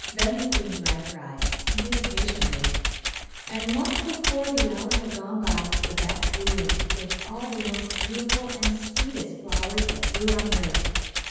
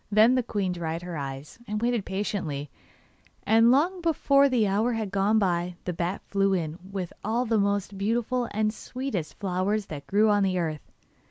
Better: second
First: background sound (Computer keyboard); 4 dB above the speech // room echo; dies away in 1.1 s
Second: none

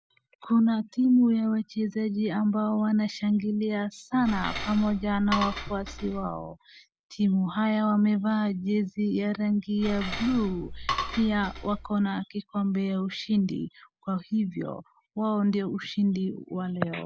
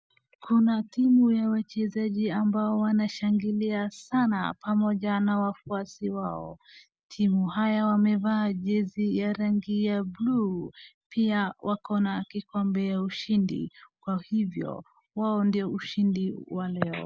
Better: second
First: background sound (Cutlery, silverware / Dishes, pots, and pans); 8 dB below the speech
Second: none

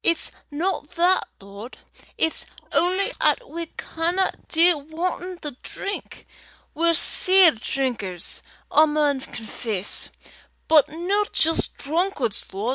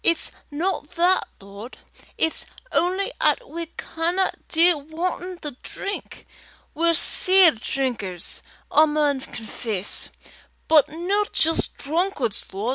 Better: second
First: noise reduction (neural mask model DeepFilterNet 3)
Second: none

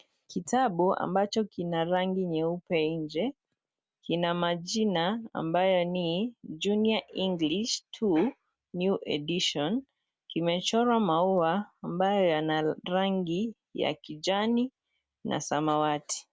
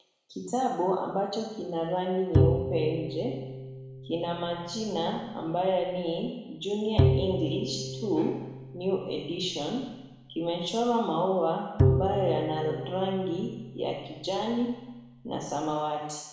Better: first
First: none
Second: background sound (Bowed string instrument); 1 dB below the speech // room echo; dies away in 1 s

